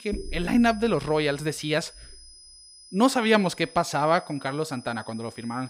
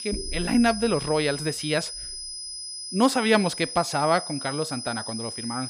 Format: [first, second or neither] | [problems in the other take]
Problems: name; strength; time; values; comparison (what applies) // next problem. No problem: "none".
first | high-pitched whine; loud; throughout; 5 kHz, 8 dB below the speech; faint in the first